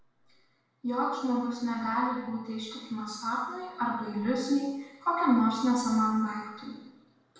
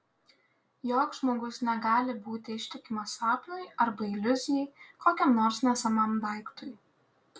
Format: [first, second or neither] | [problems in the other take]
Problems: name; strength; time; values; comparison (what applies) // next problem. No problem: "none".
second | room echo; dies away in 1 s